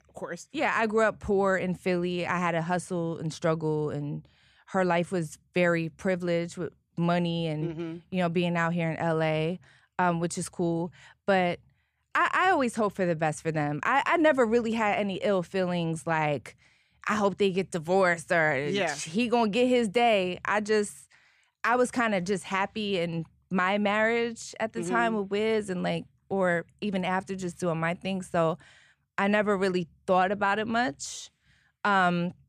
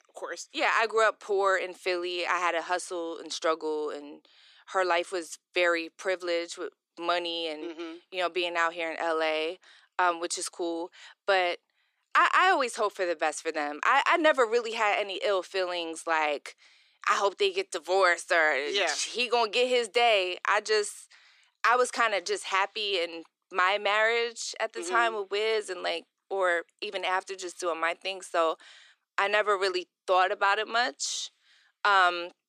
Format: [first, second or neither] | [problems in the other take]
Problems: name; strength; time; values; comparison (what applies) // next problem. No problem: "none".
first | thin; very; fading below 300 Hz